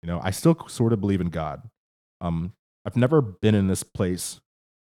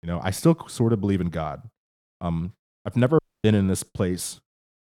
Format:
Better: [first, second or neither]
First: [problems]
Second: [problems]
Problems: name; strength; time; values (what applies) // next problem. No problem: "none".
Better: first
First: none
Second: audio cutting out; at 3 s